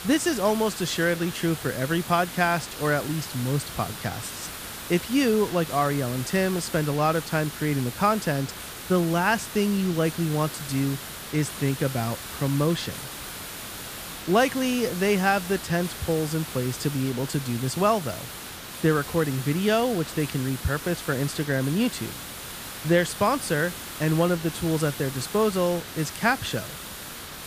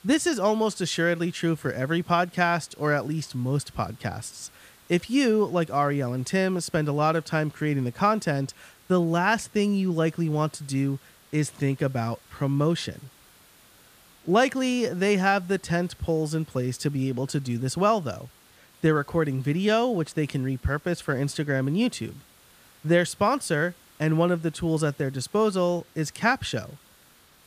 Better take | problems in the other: second | hiss; loud; throughout; 10 dB below the speech; faint in the second

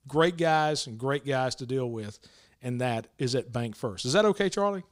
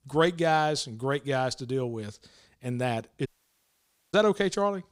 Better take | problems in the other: first | audio cutting out; at 3.5 s for 1 s

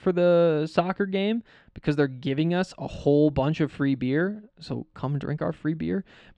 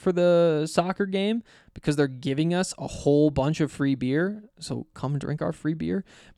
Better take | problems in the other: second | muffled; very slightly; fading above 3 kHz

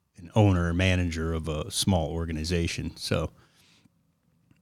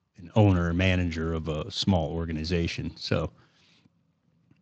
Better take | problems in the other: first | garbled, watery; slightly; nothing above 19.5 kHz

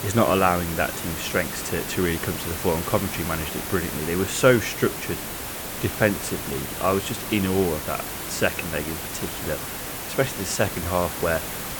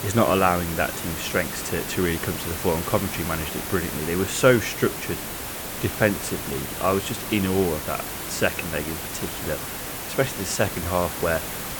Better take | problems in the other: neither | hiss; loud; throughout; 5 dB below the speech; the same in both

